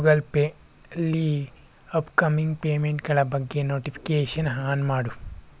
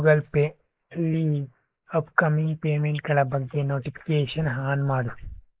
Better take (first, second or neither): first